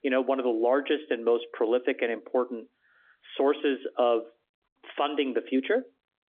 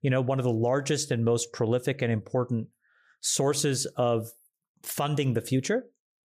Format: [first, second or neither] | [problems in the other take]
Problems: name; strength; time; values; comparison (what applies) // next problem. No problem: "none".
second | phone-call audio; nothing above 3.5 kHz